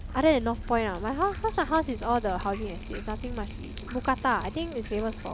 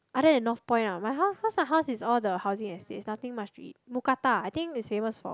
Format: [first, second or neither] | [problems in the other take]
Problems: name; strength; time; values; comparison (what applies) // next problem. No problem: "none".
second | background sound (Drip); 9 dB below the speech